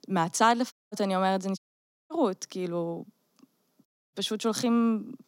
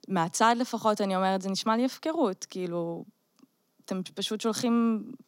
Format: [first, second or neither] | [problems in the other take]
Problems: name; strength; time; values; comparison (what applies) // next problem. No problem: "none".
second | audio cutting out; at 0.5 s, at 1.5 s for 0.5 s and at 4 s